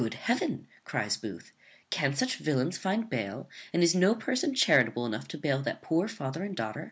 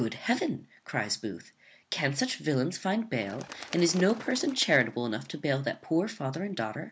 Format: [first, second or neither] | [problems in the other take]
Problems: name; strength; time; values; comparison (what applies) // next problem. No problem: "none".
first | background sound (Bird); 18 dB below the speech